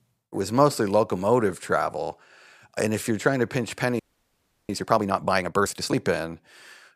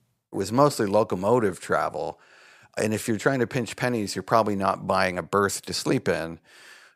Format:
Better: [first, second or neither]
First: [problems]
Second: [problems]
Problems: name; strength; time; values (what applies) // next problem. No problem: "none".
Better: second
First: audio freezing; at 4 s for 0.5 s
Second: none